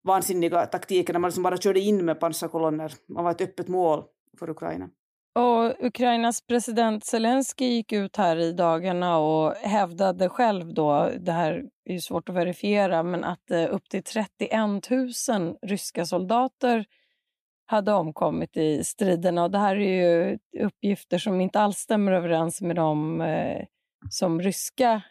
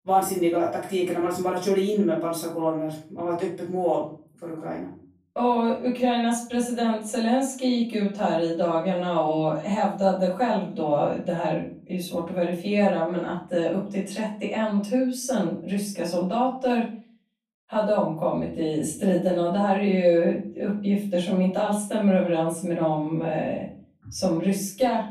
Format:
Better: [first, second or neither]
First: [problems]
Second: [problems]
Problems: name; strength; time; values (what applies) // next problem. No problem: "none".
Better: first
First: none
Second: room echo; slight; dies away in 0.4 s // off-mic speech; far